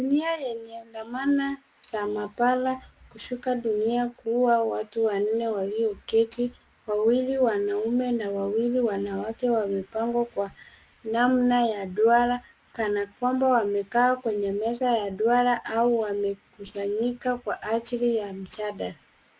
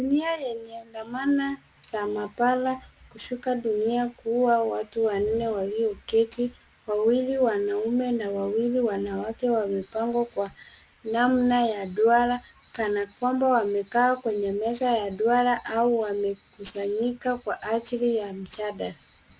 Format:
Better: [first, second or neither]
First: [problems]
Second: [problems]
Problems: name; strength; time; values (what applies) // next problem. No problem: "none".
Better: second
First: noise reduction (neural mask model Resemble Enhance denoiser)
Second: none